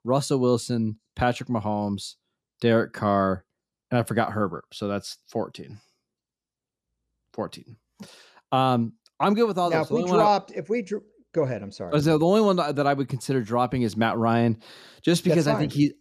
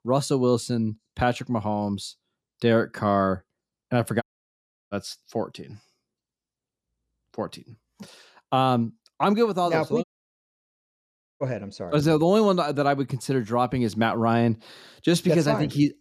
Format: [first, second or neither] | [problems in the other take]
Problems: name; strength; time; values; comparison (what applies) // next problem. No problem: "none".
first | audio cutting out; at 4 s for 0.5 s and at 10 s for 1.5 s